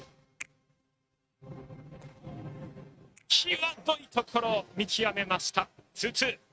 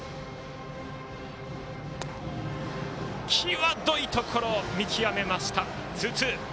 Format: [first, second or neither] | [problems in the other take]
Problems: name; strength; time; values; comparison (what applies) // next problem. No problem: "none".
second | noise reduction (neural mask model RNNoise)